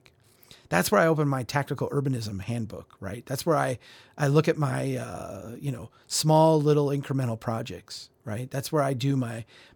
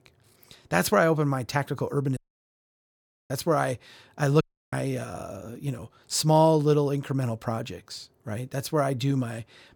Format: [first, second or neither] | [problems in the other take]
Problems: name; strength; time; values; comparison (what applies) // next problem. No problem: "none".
first | audio cutting out; at 2 s for 1 s and at 4.5 s